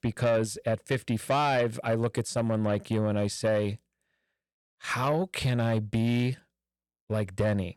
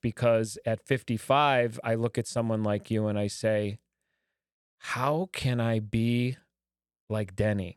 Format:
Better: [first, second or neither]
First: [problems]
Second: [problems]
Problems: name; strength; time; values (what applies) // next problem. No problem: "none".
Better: second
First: distortion; slight; 10 dB below the speech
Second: none